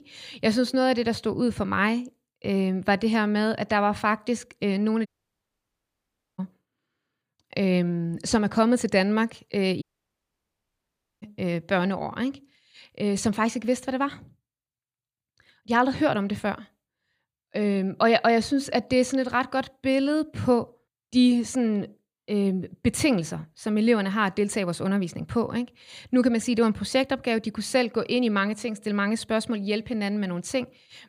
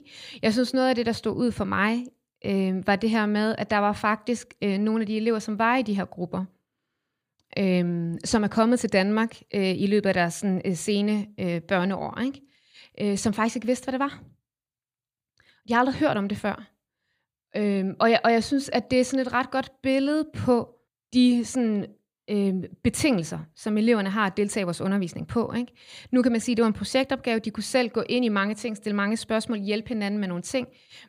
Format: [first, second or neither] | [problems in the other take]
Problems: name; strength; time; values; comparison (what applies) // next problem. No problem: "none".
second | audio cutting out; at 5 s for 1.5 s and at 10 s for 1.5 s